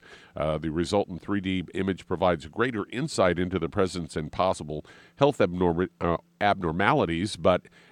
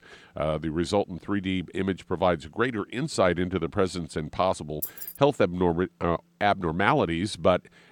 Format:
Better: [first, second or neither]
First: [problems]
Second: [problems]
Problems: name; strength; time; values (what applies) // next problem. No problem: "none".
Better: first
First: none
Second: jangling keys; noticeable; at 5 s; peak 7 dB below the speech